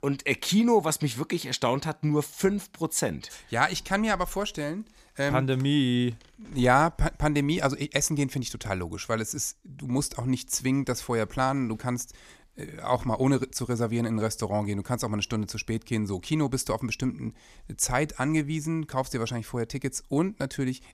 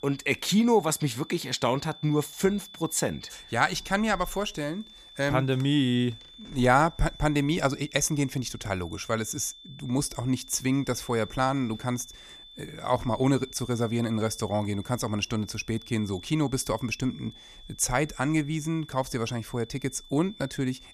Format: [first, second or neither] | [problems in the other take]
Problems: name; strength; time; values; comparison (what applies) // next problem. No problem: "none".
first | high-pitched whine; noticeable; throughout; 3.5 kHz, 20 dB below the speech